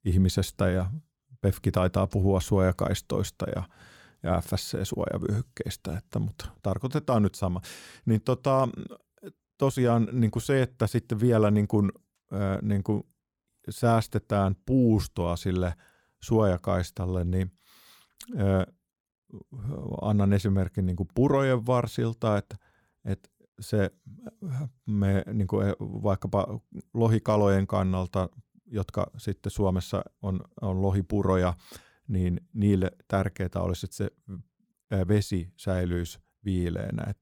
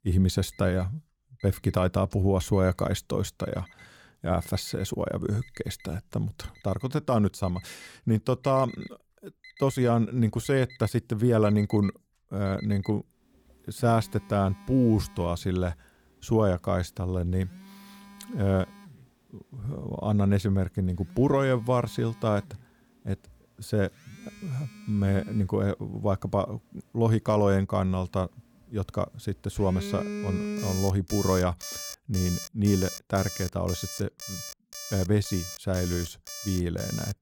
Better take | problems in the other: first | alarms or sirens; noticeable; throughout; 10 dB below the speech

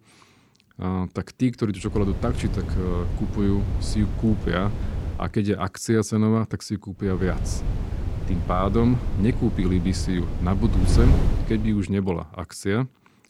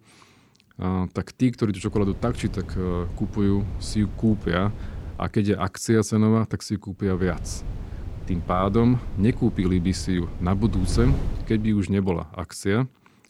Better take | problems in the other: second | wind noise on the microphone; heavy; from 2 to 5 s and from 7 to 12 s; 9 dB below the speech; occasional gusts in the second

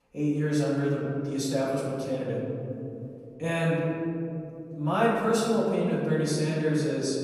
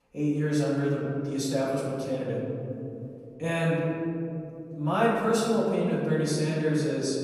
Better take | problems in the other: neither | off-mic speech; far; the same in both // room echo; noticeable; dies away in 3 s; the same in both

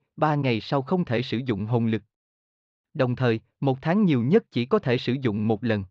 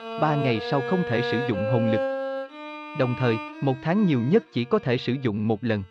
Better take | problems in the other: first | background music; loud; throughout; 6 dB below the speech

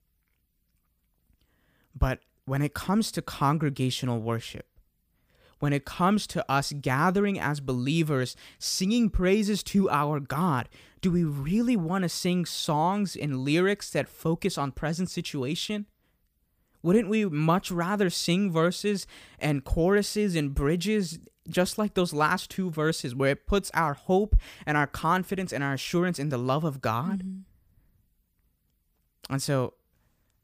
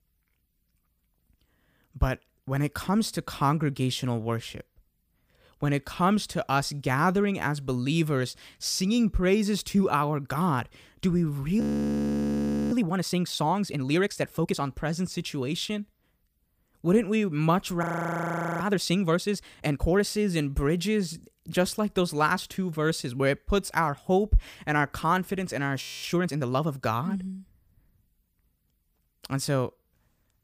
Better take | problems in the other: first | audio freezing; at 12 s for 1 s, at 18 s for 1 s and at 26 s

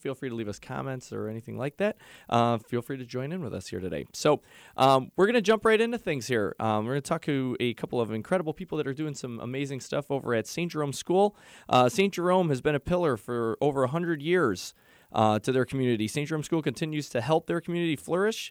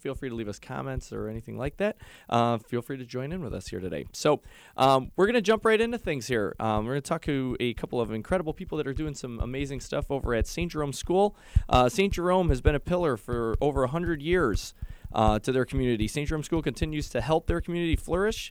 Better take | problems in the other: first | household noises; noticeable; throughout; 10 dB below the speech

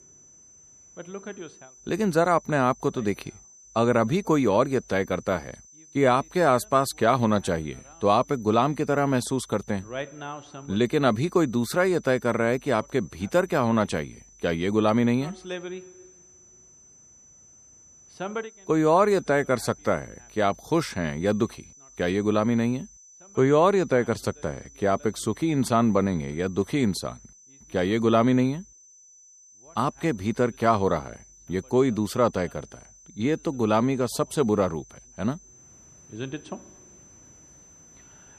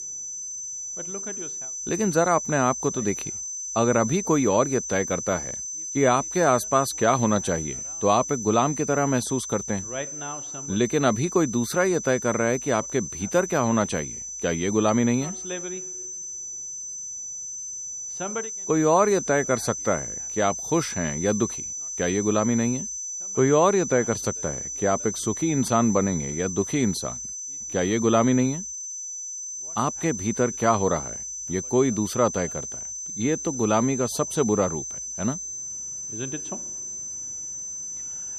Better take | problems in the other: first | high-pitched whine; loud; throughout; 6 kHz, 6 dB below the speech; faint in the first

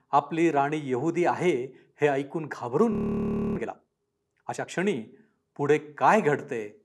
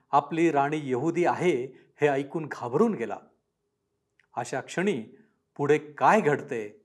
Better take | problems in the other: second | audio freezing; at 3 s for 0.5 s

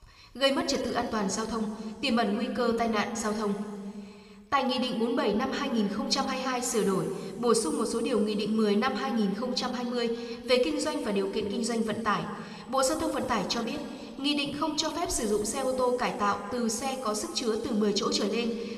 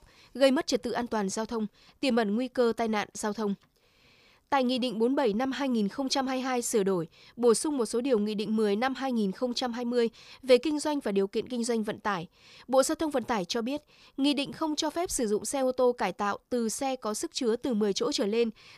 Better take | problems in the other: second | room echo; noticeable; dies away in 2.1 s

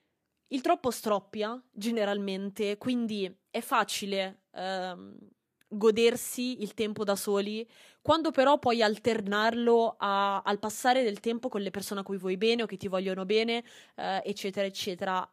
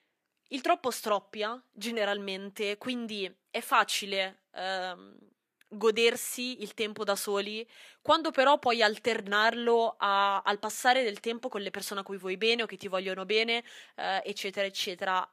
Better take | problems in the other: first | thin; very slightly; fading below 850 Hz

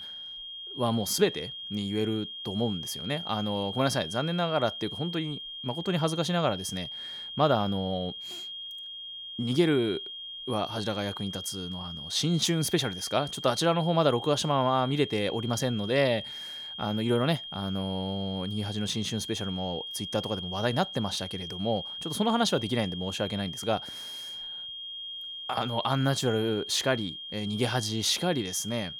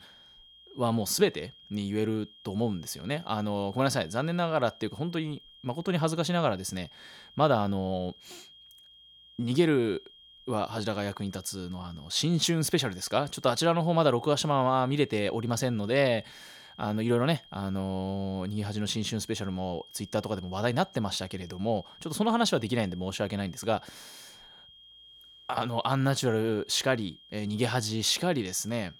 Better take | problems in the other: second | high-pitched whine; loud; throughout; 3 kHz, 8 dB below the speech; faint in the second

